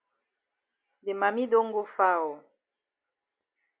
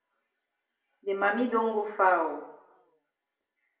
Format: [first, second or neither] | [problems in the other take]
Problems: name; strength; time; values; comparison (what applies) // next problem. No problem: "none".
first | room echo; dies away in 0.7 s